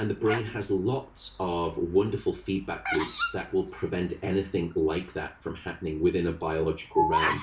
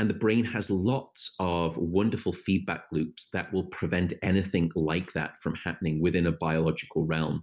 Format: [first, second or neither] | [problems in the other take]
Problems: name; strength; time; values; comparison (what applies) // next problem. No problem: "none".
second | background sound (Bird vocalization, bird call, bird song); 7 dB below the speech // room echo; dies away in 0.2 s